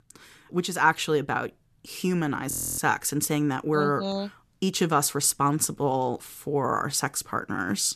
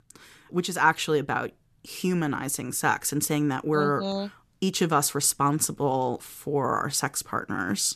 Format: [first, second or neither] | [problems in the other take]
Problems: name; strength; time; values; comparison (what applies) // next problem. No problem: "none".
second | audio freezing; at 2.5 s